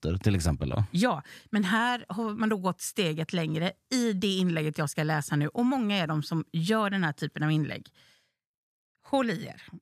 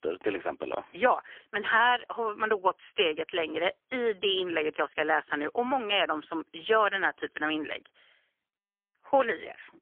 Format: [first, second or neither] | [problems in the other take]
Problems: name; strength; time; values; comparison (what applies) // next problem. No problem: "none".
first | phone-call audio; poor line; nothing above 3.5 kHz